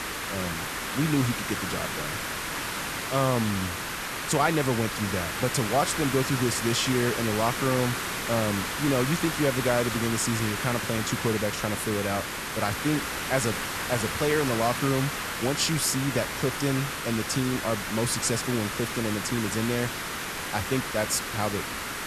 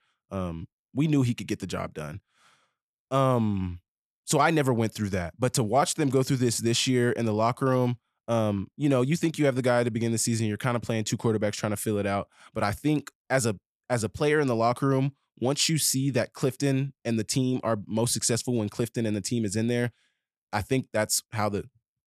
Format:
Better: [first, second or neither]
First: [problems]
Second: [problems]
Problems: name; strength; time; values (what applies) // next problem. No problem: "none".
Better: second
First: hiss; loud; throughout; 2 dB below the speech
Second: none